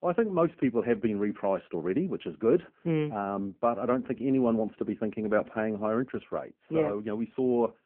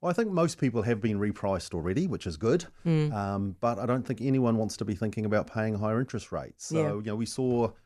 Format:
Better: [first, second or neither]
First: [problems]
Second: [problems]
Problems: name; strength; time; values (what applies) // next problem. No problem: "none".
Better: second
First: phone-call audio; poor line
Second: none